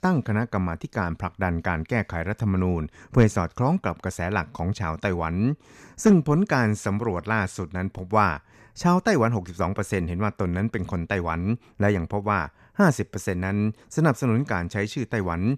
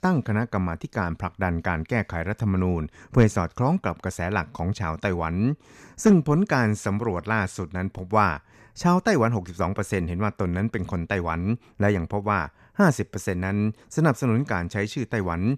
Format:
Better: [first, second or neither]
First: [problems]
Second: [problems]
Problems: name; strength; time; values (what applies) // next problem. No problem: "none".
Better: neither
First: none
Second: none